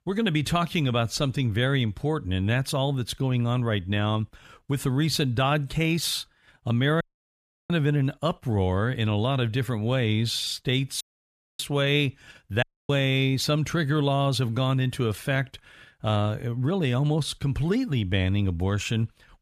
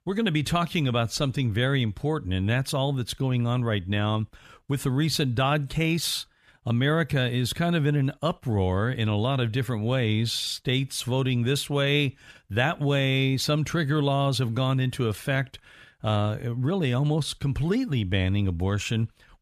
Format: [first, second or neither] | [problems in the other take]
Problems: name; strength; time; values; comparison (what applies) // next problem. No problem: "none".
second | audio cutting out; at 7 s for 0.5 s, at 11 s for 0.5 s and at 13 s